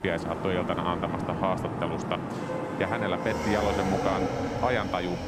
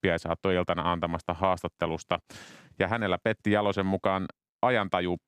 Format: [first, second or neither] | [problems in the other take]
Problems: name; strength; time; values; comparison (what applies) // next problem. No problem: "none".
second | traffic noise; loud; throughout; 1 dB below the speech